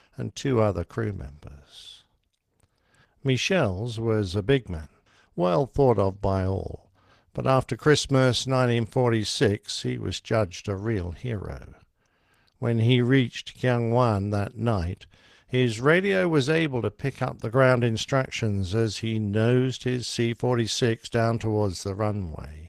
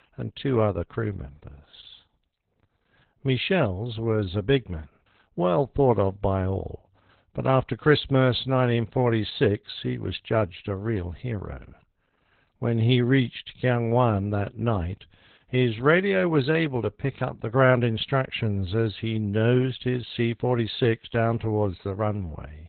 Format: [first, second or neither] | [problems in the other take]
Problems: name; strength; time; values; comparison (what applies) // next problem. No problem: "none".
first | garbled, watery; badly; nothing above 4 kHz; slightly in the first